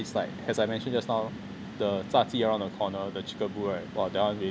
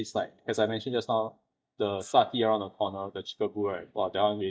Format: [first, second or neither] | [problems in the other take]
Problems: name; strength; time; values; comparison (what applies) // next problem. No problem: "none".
first | noise reduction (neural mask model DeepFilterNet 3)